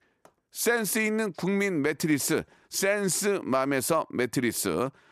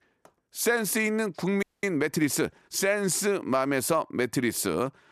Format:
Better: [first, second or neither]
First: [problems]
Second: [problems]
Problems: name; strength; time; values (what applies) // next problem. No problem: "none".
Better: first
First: none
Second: audio freezing; at 1.5 s